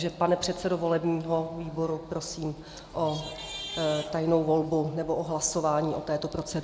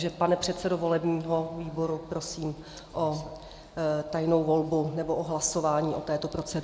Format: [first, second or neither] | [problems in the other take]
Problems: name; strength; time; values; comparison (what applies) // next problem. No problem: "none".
second | background sound (Traffic noise, roadway noise / Vehicle horn, car horn, honking); 13 dB below the speech